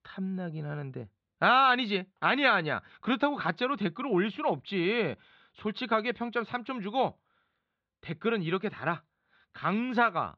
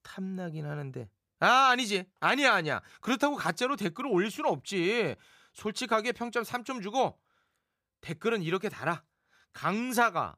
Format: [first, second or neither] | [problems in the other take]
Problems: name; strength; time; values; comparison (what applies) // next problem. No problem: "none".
second | muffled; slightly; fading above 4 kHz